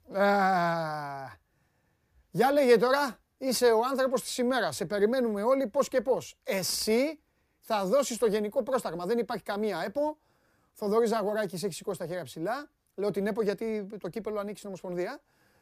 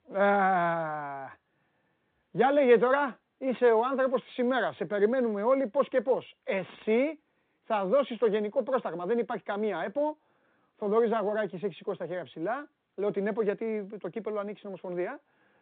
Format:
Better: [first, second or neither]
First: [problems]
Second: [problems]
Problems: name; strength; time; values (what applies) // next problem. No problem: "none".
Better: first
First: none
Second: phone-call audio; nothing above 3.5 kHz